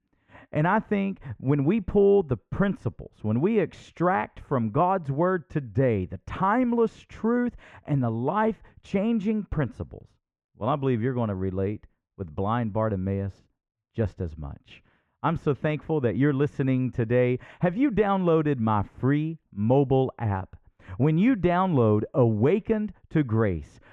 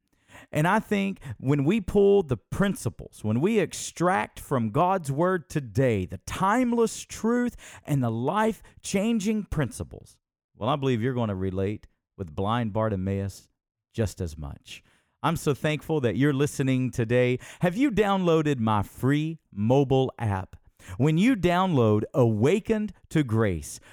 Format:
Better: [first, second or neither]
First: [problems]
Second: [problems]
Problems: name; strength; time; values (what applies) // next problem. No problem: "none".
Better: second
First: muffled; very; fading above 2 kHz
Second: none